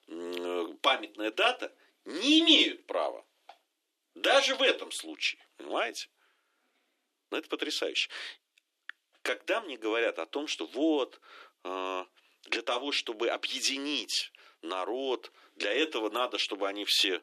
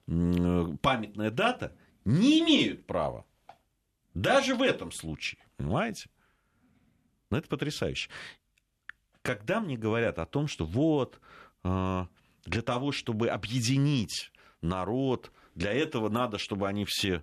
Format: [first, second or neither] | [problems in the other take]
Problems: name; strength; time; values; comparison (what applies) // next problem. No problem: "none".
second | thin; somewhat; fading below 300 Hz